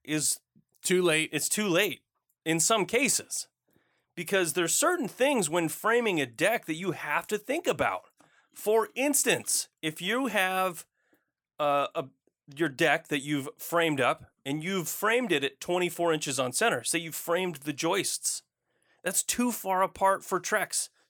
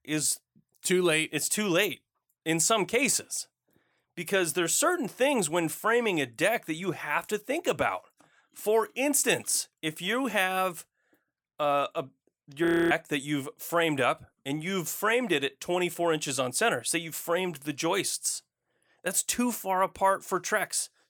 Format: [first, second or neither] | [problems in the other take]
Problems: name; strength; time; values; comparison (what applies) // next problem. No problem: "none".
first | audio freezing; at 13 s